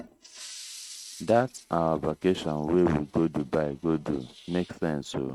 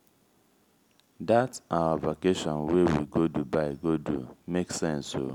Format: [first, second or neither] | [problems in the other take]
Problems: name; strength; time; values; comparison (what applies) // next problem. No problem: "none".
second | noise reduction (neural mask model RNNoise)